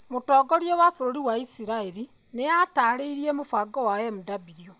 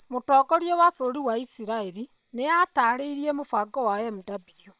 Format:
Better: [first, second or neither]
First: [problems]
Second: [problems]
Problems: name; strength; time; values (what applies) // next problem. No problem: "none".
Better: first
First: none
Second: noise reduction (neural separator model SepFormer WHAM!)